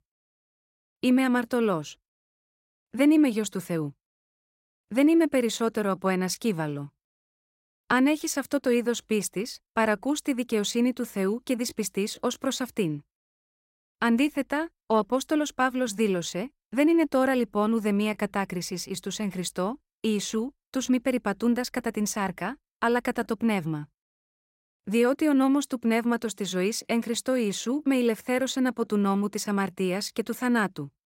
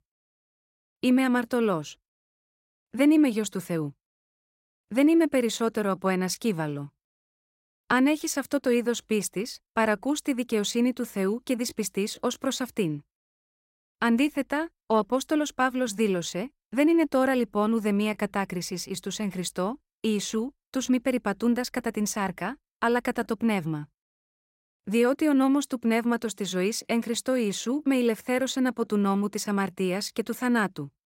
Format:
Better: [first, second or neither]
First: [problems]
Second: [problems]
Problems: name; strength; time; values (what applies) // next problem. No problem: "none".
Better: neither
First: none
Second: none